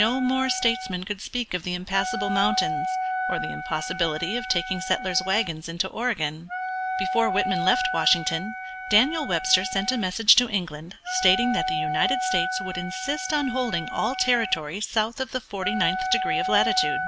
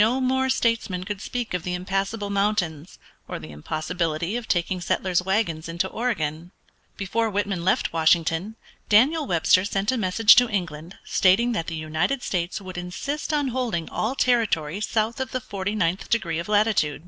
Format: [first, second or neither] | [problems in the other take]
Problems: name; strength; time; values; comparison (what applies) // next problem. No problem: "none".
second | background sound (Wind instrument, woodwind instrument); 4 dB below the speech